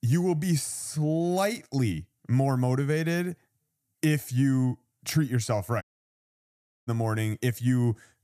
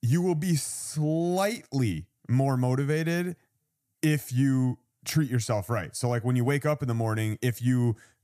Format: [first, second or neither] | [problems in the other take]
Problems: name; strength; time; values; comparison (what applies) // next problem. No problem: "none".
second | audio cutting out; at 6 s for 1 s